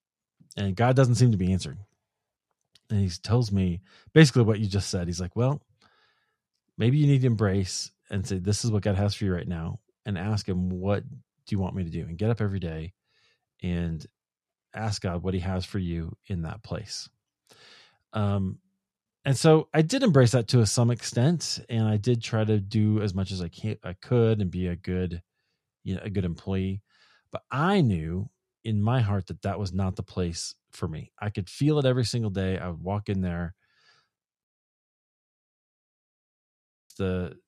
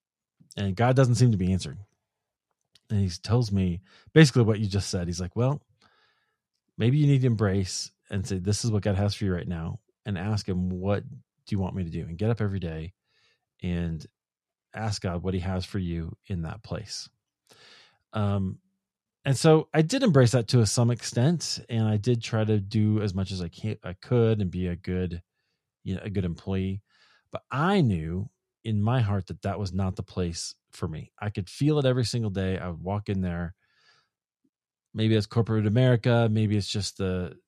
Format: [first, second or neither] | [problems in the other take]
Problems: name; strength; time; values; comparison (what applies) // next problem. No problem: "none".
second | audio cutting out; at 34 s for 2.5 s